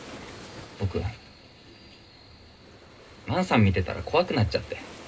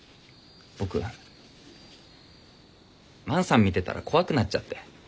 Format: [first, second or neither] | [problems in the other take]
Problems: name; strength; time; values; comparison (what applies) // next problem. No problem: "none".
second | background sound (Waves, surf); 19 dB below the speech // room echo; dies away in 0.2 s